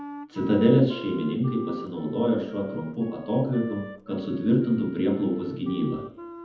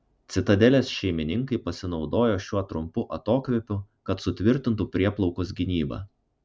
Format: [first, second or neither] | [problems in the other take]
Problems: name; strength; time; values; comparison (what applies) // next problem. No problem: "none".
second | background sound (Wind instrument, woodwind instrument); 15 dB below the speech // room echo; dies away in 1 s